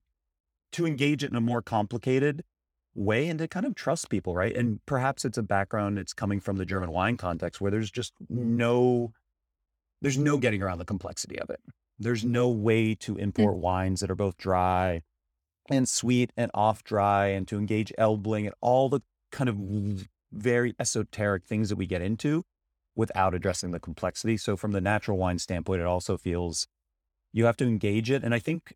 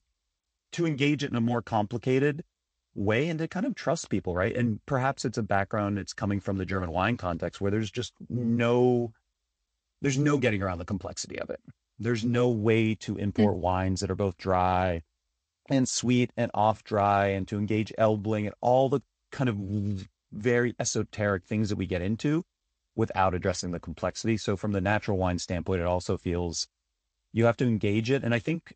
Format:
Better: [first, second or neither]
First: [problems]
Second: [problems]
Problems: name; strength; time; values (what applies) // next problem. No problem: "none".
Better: first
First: none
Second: garbled, watery; slightly; nothing above 7.5 kHz